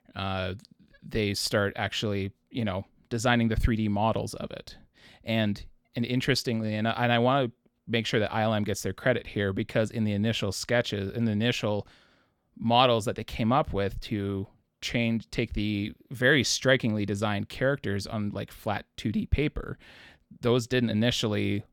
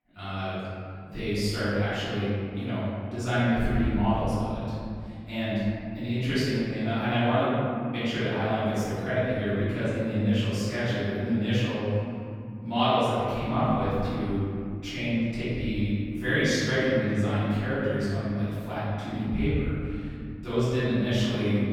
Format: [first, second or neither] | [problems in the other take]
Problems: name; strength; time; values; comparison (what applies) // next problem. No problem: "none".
first | off-mic speech; far // room echo; strong; dies away in 2.7 s